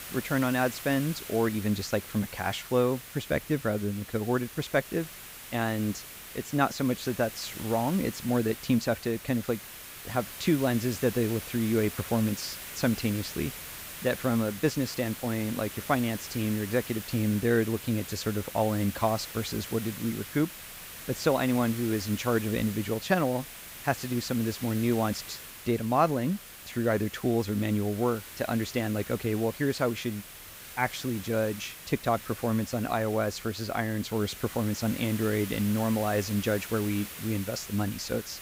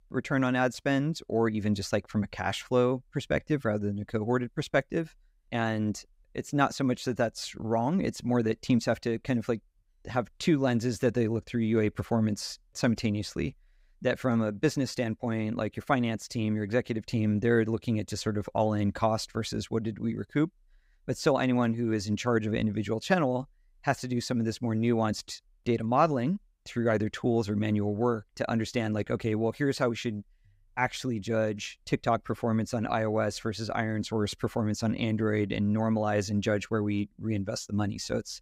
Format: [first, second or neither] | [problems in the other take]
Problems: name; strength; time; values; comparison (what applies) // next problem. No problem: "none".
second | hiss; noticeable; throughout; 10 dB below the speech